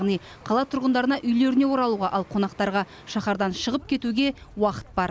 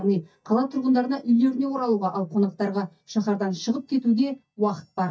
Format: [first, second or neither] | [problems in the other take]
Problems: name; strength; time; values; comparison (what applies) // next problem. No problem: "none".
first | noise reduction (neural mask model DeepFilterNet 3)